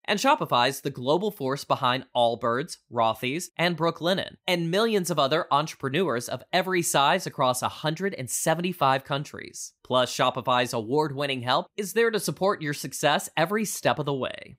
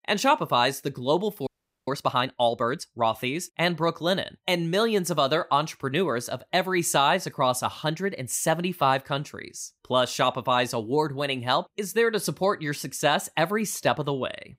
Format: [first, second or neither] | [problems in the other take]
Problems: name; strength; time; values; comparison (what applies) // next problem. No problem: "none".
first | audio freezing; at 1.5 s